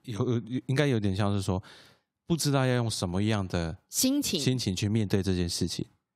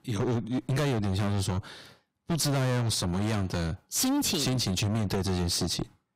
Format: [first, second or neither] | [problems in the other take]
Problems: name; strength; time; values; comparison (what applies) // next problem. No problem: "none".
first | distortion; heavy; 24% of the sound clipped